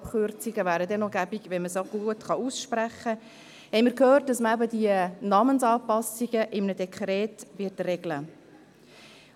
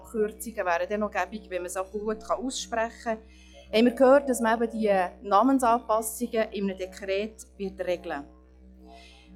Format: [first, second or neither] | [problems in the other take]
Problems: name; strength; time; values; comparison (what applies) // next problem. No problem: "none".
first | noise reduction (classical method log-MMSE)